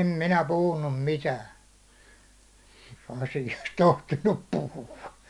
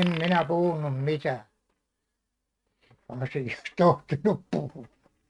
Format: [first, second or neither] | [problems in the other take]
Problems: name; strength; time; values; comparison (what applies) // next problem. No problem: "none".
first | noise reduction (neural mask model RNNoise)